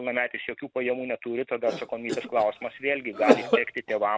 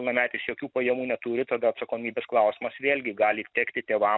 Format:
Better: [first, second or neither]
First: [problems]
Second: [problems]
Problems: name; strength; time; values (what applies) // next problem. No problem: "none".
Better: second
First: background sound (Cough); as loud as the speech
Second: none